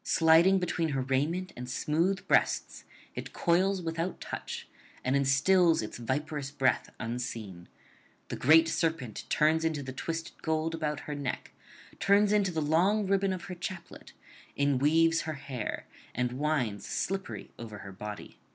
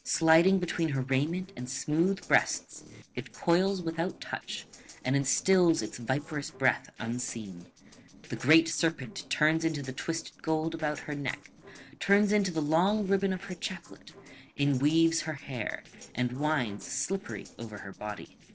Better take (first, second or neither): first